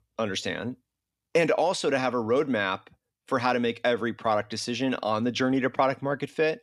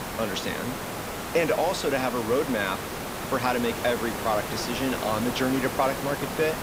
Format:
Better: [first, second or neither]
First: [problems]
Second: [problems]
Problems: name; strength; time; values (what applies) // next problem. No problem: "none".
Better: first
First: none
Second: hiss; loud; throughout; 5 dB below the speech